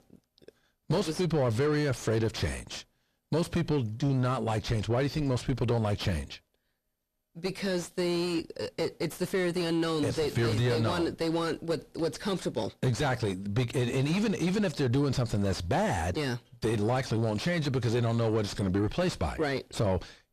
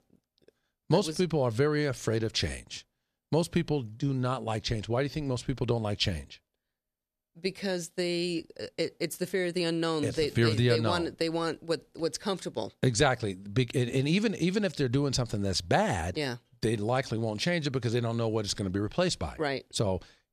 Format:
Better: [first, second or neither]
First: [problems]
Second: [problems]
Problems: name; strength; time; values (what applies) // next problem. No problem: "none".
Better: second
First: distortion; heavy; 7 dB below the speech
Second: none